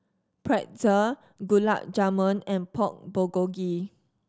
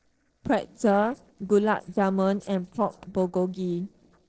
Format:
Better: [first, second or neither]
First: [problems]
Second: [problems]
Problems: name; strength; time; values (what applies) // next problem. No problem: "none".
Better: first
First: none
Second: noise reduction (neural separator model SepFormer DNS4)